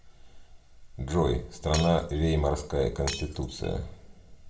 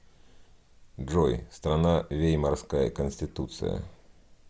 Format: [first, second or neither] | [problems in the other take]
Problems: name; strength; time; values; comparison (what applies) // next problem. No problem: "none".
second | background sound (Shatter); 12 dB below the speech // room echo; dies away in 0.4 s